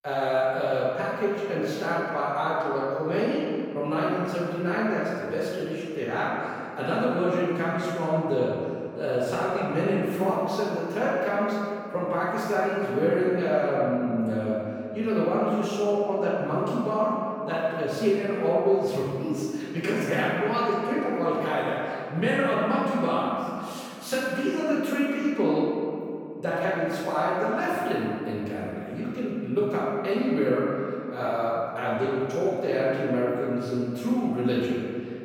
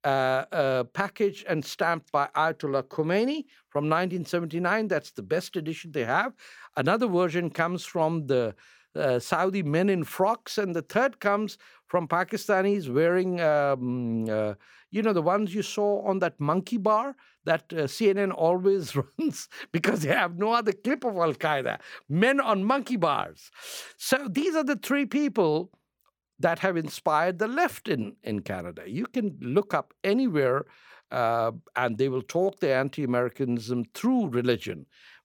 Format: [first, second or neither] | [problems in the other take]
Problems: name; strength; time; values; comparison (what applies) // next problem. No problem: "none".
second | room echo; strong; dies away in 2.2 s // off-mic speech; far